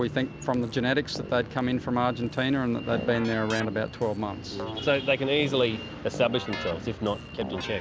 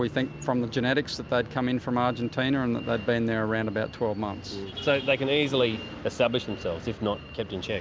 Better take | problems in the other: second | background sound (Keyboard (musical)); 12 dB below the speech

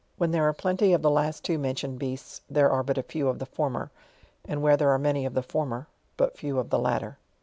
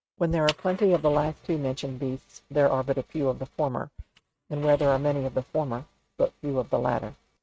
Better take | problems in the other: first | noise reduction (neural mask model RNNoise)

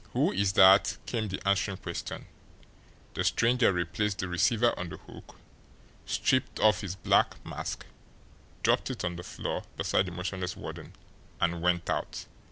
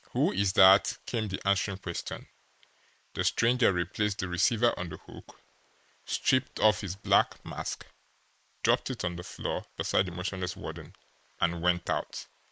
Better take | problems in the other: first | noise reduction (neural mask model Resemble Enhance denoiser)

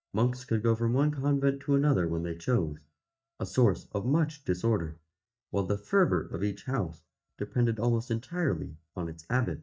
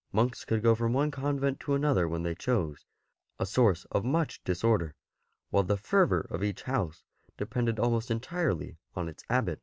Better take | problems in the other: second | noise reduction (neural mask model DeepFilterNet 3)

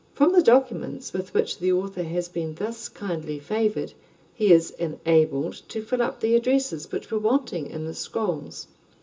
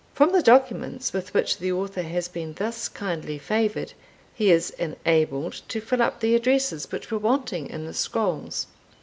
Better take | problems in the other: second | room echo; dies away in 0.2 s

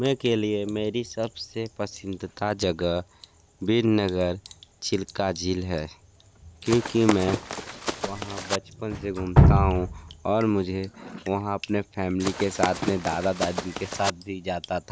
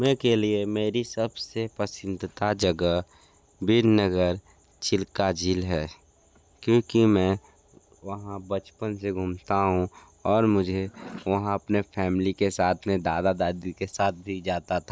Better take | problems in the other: second | background sound (Run + Drip); 3 dB below the speech

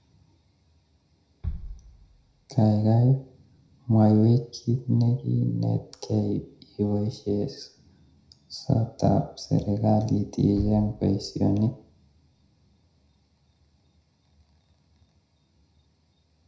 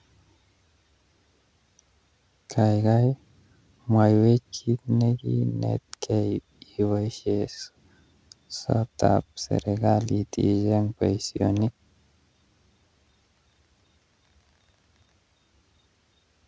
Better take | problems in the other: second | background sound (Bass drum); 19 dB below the speech // room echo; dies away in 0.4 s

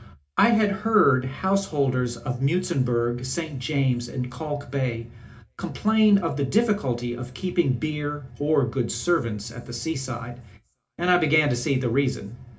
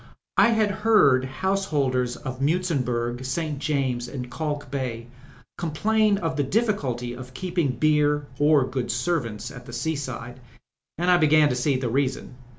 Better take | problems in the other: second | room echo; dies away in 0.4 s

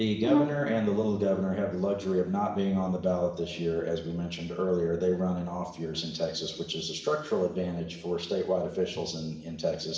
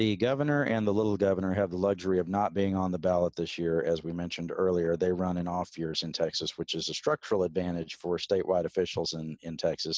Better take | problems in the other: second | background sound (Brass instrument); as loud as the speech // room echo; dies away in 0.9 s

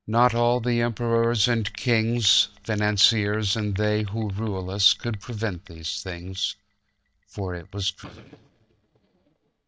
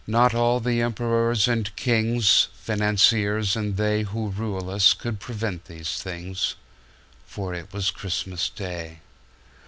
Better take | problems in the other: second | noise reduction (neural mask model DeepFilterNet 3)

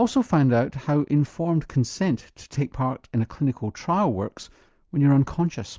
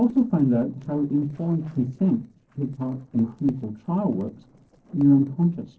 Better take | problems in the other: first | noise reduction (neural separator model SepFormer DNS4)

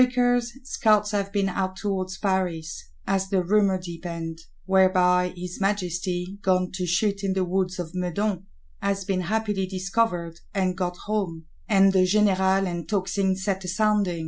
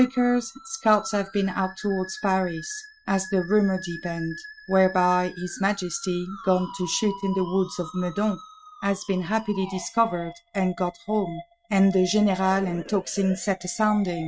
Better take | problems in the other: first | noise reduction (neural mask model RNNoise)

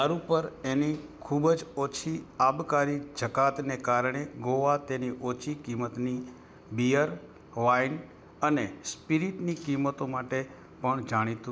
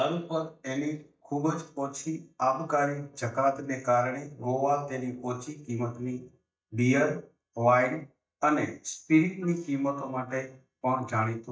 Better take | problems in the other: first | noise reduction (neural mask model DeepFilterNet 3)

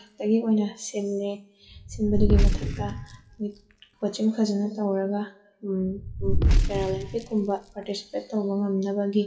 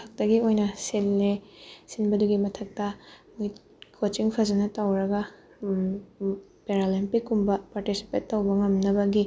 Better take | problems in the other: second | noise reduction (classical method WPE with log-MMSE)

